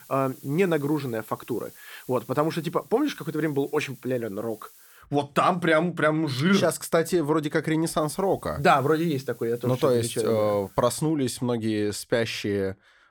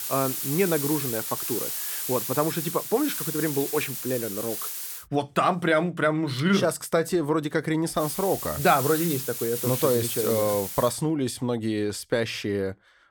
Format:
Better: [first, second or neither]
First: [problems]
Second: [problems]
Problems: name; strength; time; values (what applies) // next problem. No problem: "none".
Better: first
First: hiss; faint; until 5 s and from 8 to 11 s; 25 dB below the speech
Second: hiss; loud; until 5 s and from 8 to 11 s; 4 dB below the speech